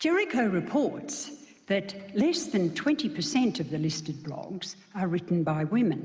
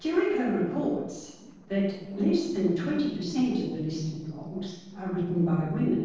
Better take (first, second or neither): first